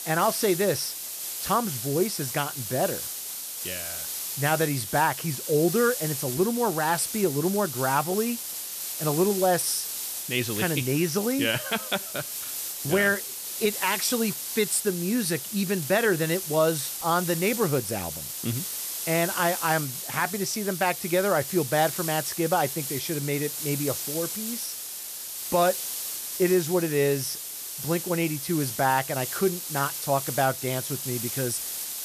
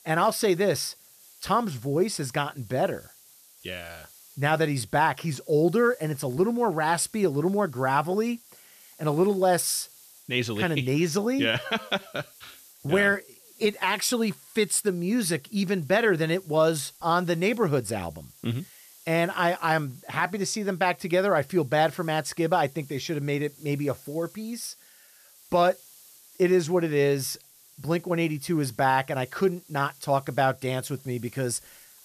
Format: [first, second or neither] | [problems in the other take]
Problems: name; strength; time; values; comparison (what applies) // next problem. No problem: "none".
second | hiss; loud; throughout; 5 dB below the speech; faint in the second